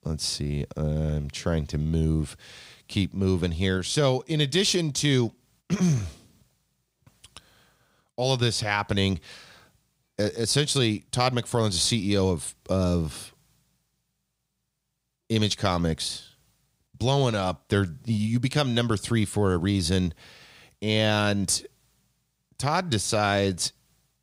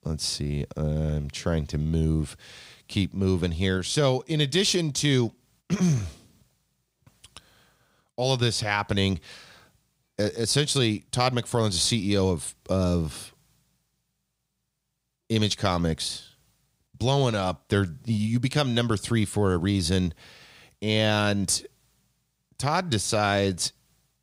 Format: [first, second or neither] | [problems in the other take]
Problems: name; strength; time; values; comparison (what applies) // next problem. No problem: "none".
neither | none